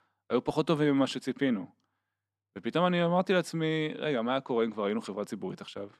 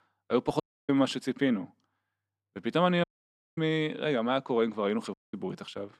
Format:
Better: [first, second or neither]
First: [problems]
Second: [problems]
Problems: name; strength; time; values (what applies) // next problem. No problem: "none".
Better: first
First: none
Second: audio cutting out; at 0.5 s, at 3 s for 0.5 s and at 5 s